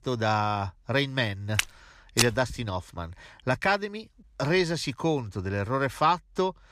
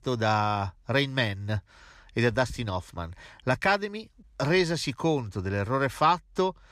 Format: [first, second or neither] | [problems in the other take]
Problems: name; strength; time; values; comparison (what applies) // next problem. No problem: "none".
second | footsteps; loud; at 1.5 s; peak 1 dB above the speech